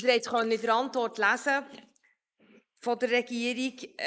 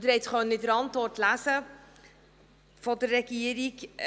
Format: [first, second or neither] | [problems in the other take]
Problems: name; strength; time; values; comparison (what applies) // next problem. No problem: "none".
second | noise reduction (neural mask model Resemble Enhance denoiser)